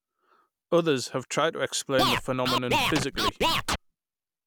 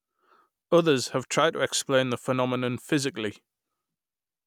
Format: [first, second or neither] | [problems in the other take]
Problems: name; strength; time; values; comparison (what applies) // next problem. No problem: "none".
second | background sound (Scratching (performance technique)); 2 dB above the speech